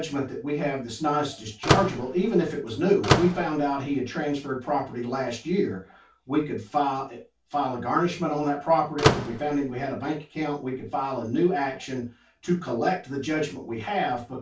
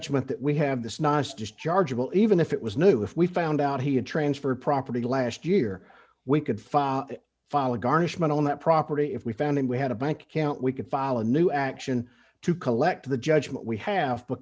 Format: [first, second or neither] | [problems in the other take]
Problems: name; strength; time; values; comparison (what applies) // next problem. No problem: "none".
second | background sound (Slam / Microwave oven); as loud as the speech // room echo; dies away in 0.2 s